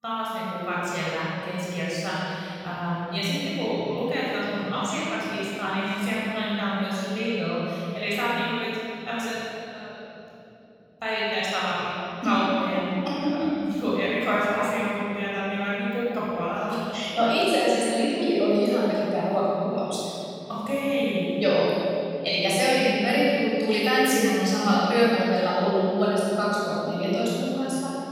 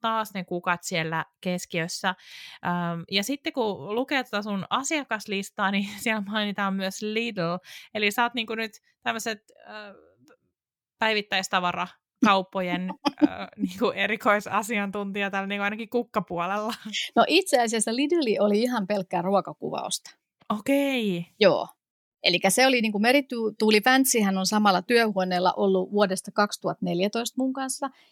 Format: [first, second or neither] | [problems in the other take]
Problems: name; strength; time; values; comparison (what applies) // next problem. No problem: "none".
second | off-mic speech; far // room echo; strong; dies away in 3 s